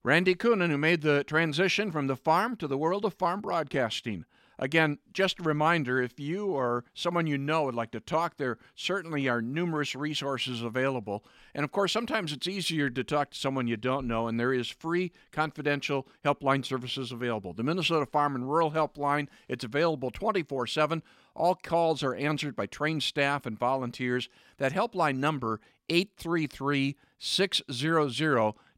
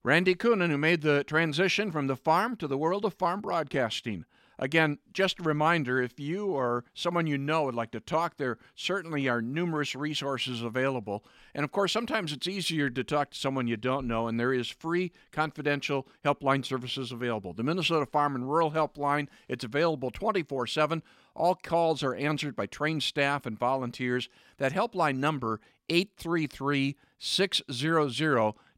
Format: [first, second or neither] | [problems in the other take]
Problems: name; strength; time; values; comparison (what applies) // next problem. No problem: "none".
neither | none